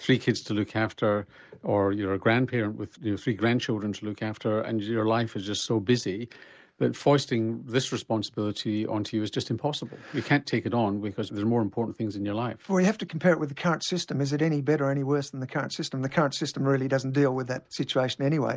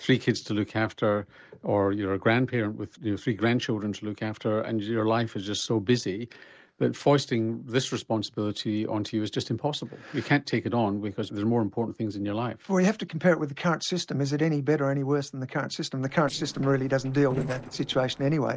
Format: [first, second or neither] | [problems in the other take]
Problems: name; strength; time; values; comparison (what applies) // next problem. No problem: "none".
first | noise reduction (neural separator model SepFormer DNS4)